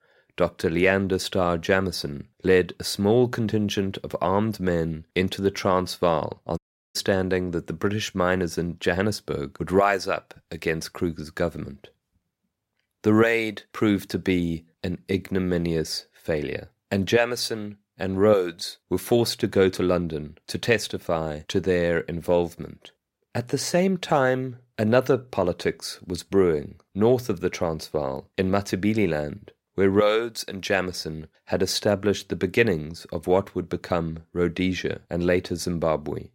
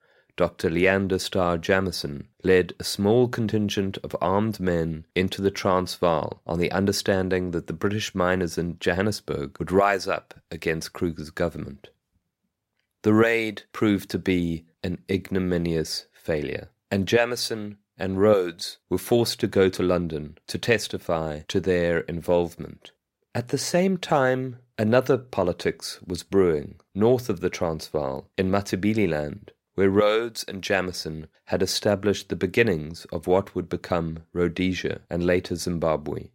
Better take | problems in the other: second | audio cutting out; at 6.5 s

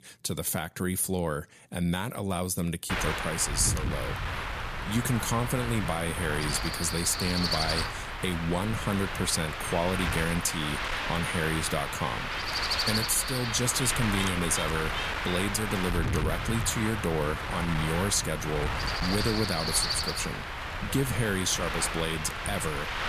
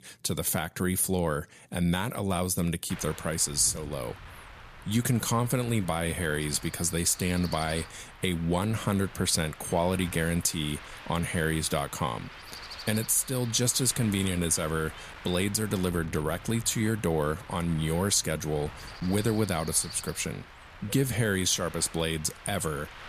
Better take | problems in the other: second | wind noise on the microphone; heavy; from 3 s on; 1 dB above the speech; occasional gusts in the second

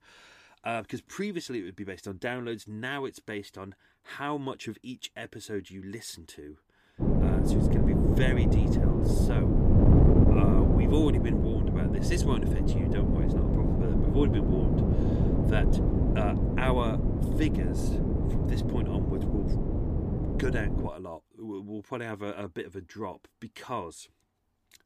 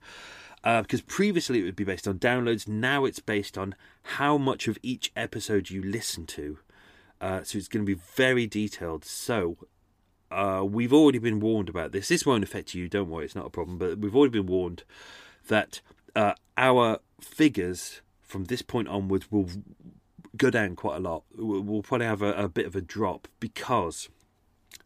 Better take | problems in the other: second | wind noise on the microphone; heavy; from 7 to 21 s; 3 dB above the speech

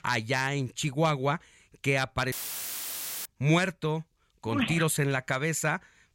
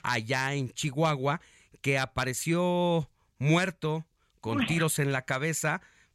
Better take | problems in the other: second | audio cutting out; filled with static; at 2.5 s for 1 s

